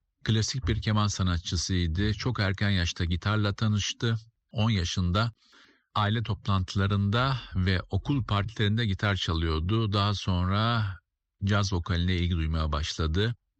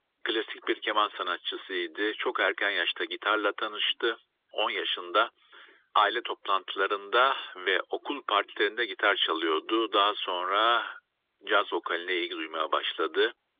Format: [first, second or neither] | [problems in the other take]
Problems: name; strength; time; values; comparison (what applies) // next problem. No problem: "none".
first | phone-call audio